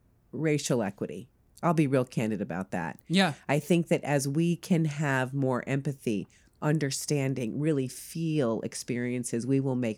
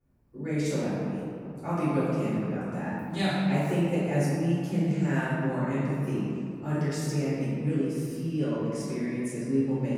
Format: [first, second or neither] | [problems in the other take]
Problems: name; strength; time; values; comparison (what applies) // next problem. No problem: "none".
first | off-mic speech; far // room echo; strong; dies away in 2.6 s